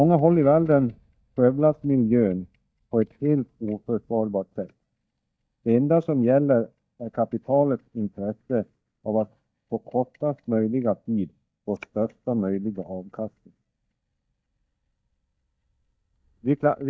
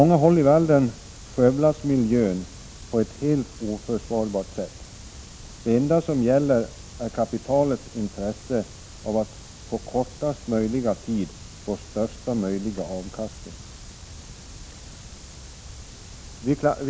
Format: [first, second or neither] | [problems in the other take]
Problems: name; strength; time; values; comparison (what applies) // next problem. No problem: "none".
second | noise reduction (neural mask model DeepFilterNet 3)